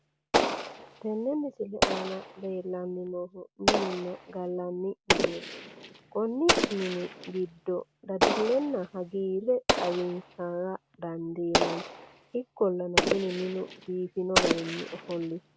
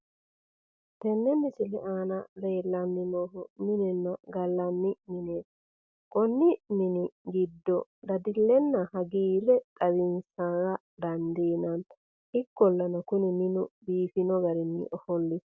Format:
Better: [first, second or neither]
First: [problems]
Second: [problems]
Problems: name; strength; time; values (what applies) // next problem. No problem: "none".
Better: second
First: background sound (Explosion); 1 dB above the speech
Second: none